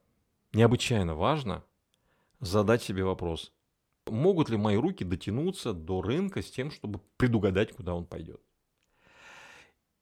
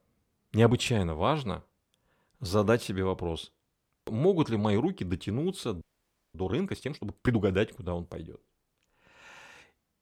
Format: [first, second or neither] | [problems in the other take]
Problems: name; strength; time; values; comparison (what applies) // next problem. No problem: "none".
first | audio freezing; at 6 s for 0.5 s